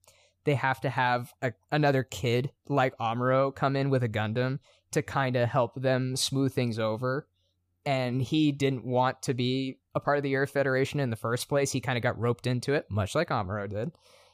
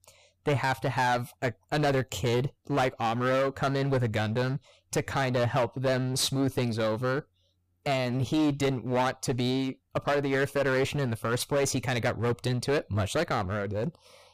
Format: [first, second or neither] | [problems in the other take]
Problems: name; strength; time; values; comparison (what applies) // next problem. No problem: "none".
first | distortion; heavy; 14% of the sound clipped